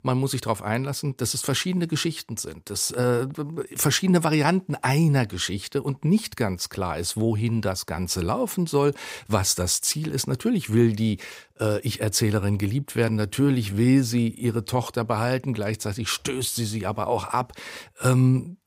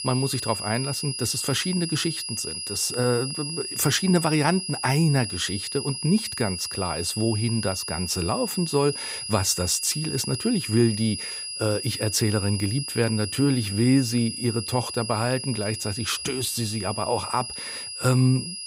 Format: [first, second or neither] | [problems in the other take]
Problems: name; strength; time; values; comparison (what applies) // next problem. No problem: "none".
first | high-pitched whine; loud; throughout; 5 kHz, 6 dB below the speech